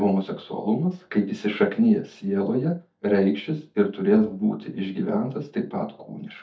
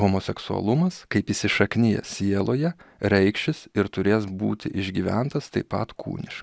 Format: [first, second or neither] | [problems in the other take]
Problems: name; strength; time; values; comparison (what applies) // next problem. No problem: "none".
second | noise reduction (neural mask model DeepFilterNet 3)